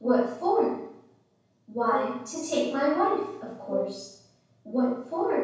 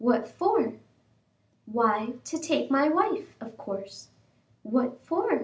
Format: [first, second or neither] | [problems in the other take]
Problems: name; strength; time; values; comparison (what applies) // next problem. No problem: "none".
second | background sound (Brass instrument); 13 dB below the speech // room echo; dies away in 0.7 s